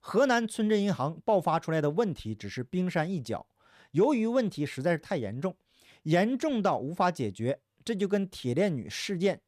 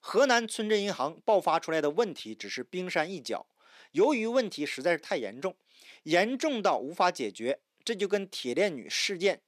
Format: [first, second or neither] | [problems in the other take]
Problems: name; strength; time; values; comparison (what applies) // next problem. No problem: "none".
first | thin; very slightly; fading below 300 Hz